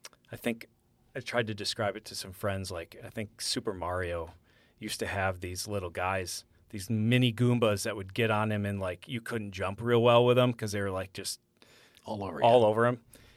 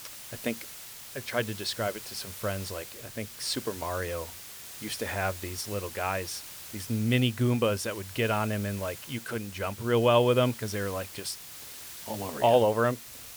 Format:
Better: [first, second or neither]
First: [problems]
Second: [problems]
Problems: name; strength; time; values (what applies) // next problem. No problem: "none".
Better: first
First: none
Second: hiss; noticeable; throughout; 10 dB below the speech